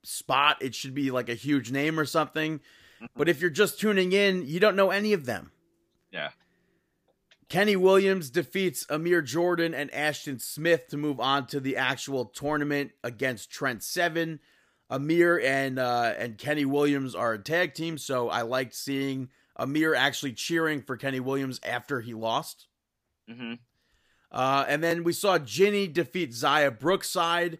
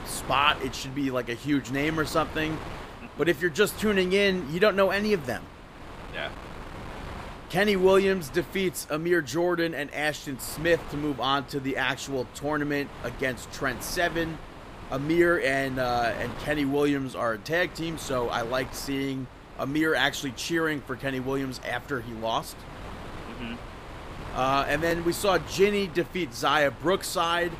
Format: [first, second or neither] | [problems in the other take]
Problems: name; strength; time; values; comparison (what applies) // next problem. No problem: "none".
first | wind noise on the microphone; occasional gusts; 15 dB below the speech